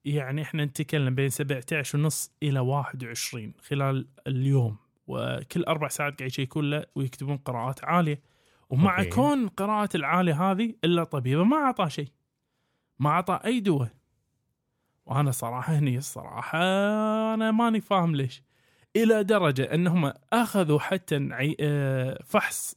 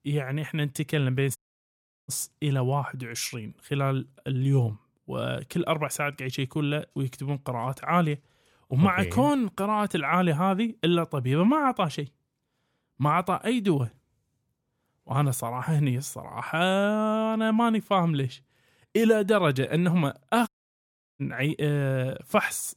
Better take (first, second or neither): first